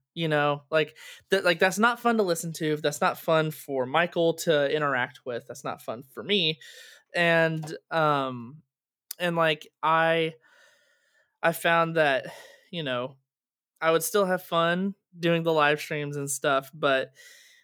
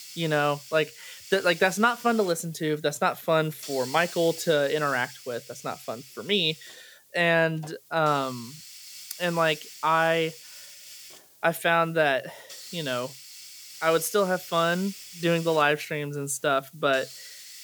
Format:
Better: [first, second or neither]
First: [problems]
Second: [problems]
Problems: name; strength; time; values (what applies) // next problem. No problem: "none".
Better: first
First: none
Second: hiss; noticeable; throughout; 15 dB below the speech